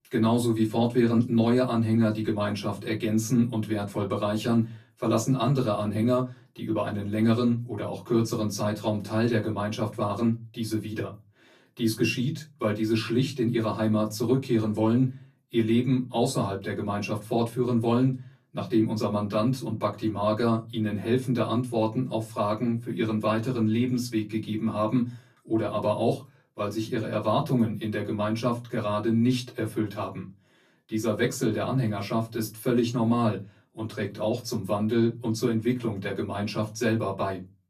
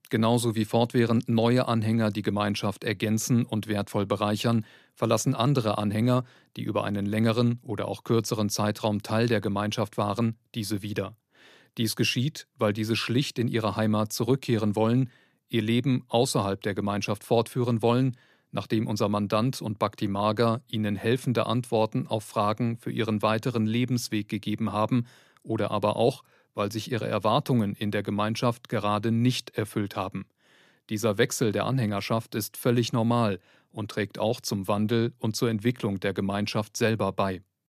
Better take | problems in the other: second | off-mic speech; far // room echo; very slight; dies away in 0.2 s

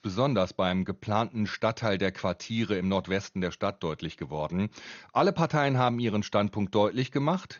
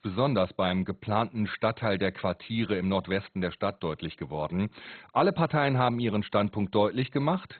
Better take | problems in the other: first | garbled, watery; badly; nothing above 4 kHz; slightly in the first

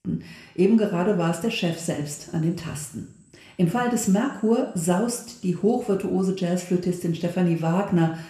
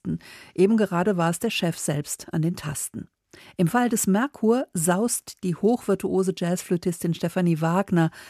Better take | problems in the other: second | room echo; slight; dies away in 0.7 s // off-mic speech; somewhat distant

